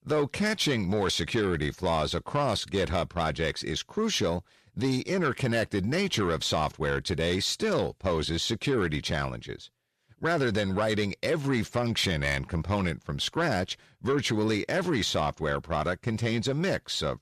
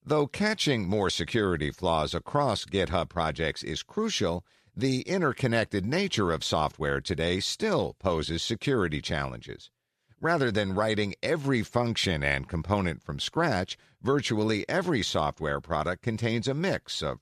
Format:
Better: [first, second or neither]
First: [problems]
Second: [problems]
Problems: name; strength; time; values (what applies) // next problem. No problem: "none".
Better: second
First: distortion; slight; 10 dB below the speech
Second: none